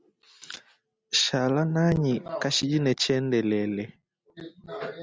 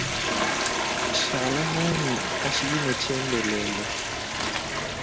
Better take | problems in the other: first | background sound (Toilet flush); 3 dB above the speech

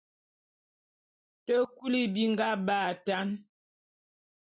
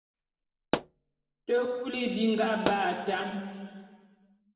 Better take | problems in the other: first | background sound (Explosion); 8 dB below the speech // room echo; dies away in 1.8 s

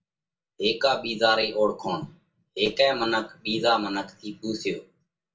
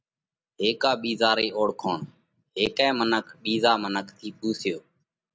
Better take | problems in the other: second | room echo; dies away in 0.2 s

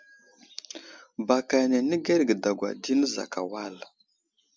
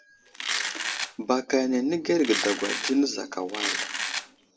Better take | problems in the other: first | background sound (Domestic sounds, home sounds); 4 dB below the speech // room echo; dies away in 1 s

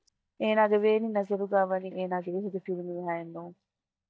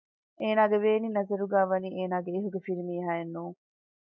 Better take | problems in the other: second | noise reduction (neural mask model DeepFilterNet 3)

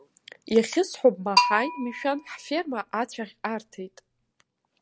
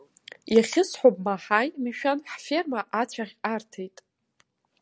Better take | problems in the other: second | background sound (Bell); 3 dB below the speech

